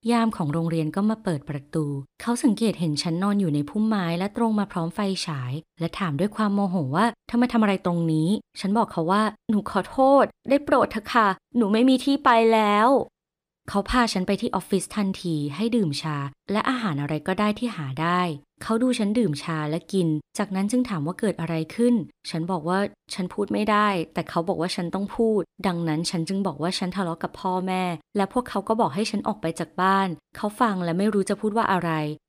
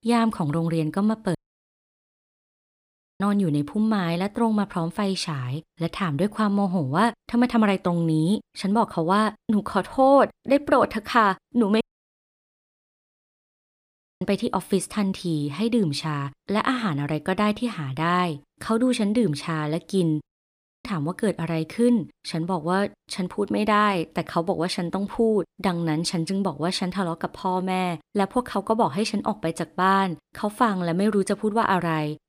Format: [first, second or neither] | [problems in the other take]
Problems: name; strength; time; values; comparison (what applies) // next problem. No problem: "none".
first | audio cutting out; at 1.5 s for 2 s, at 12 s for 2.5 s and at 20 s for 0.5 s